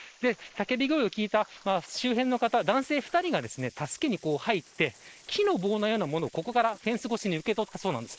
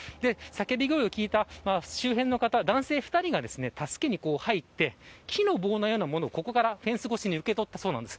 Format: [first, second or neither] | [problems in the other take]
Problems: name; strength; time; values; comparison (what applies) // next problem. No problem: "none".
second | noise reduction (neural mask model Resemble Enhance denoiser)